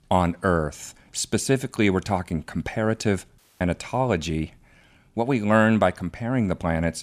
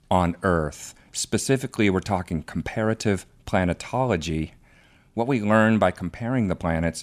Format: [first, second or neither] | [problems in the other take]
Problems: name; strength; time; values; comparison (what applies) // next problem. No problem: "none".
second | audio cutting out; at 3.5 s